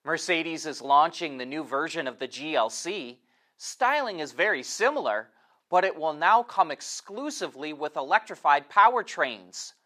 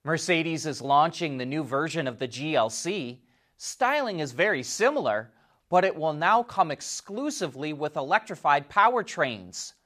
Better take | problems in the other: second | thin; somewhat; fading below 300 Hz

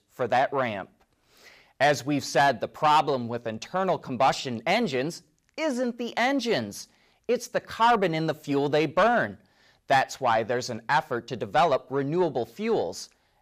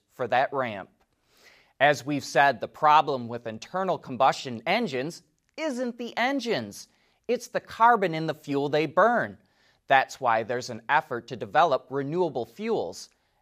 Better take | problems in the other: second | distortion; slight; 10 dB below the speech

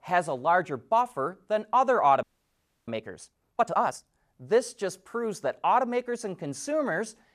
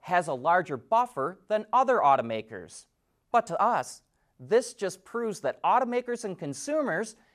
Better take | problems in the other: second | audio freezing; at 2 s for 0.5 s

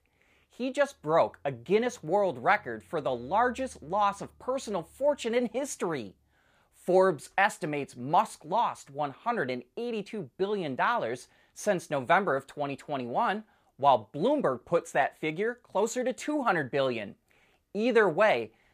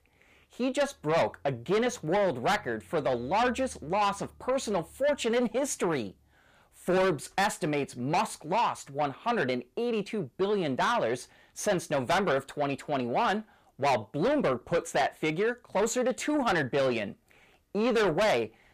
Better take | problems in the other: first | distortion; heavy; 7 dB below the speech

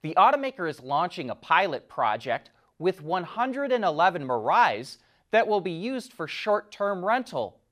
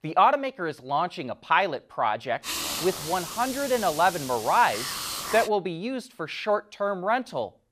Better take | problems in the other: first | hiss; loud; from 2.5 to 5.5 s; 6 dB below the speech

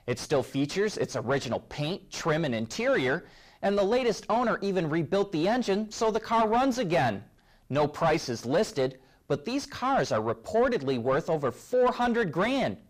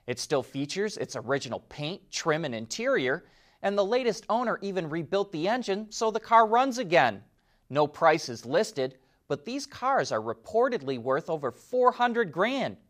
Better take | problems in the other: second | distortion; heavy; 7 dB below the speech

